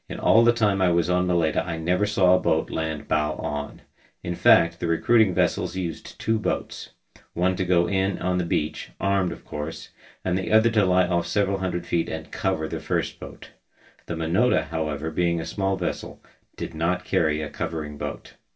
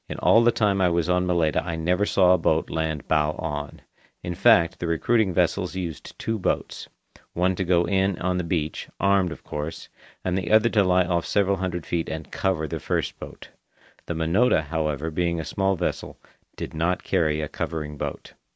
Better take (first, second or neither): second